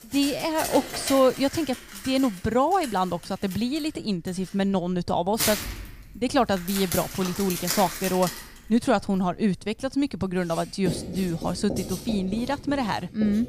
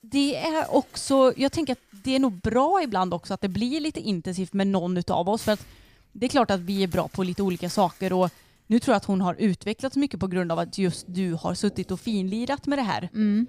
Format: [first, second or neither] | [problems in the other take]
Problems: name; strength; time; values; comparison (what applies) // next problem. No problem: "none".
second | household noises; loud; throughout; 7 dB below the speech; faint in the second